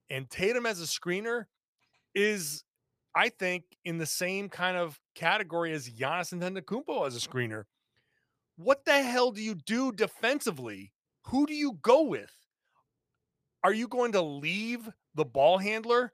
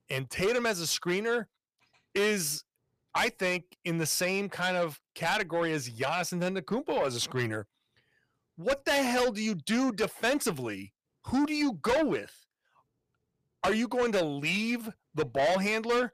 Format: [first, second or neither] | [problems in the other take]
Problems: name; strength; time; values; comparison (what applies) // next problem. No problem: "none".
first | distortion; heavy; 6 dB below the speech